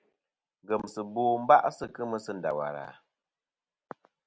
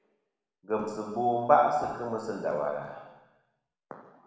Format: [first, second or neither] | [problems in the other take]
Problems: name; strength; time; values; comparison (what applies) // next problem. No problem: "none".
first | room echo; dies away in 1.2 s